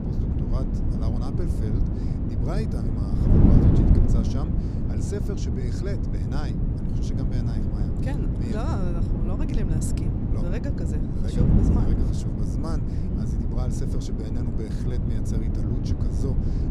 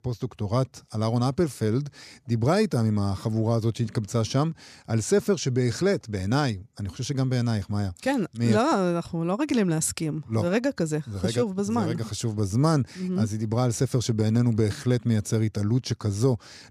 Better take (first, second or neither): second